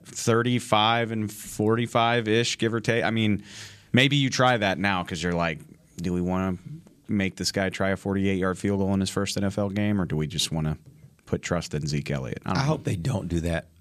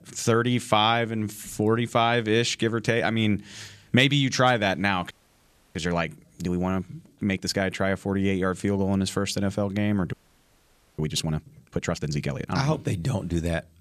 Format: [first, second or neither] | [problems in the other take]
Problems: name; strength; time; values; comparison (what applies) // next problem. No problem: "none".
first | audio freezing; at 5 s for 0.5 s and at 10 s for 1 s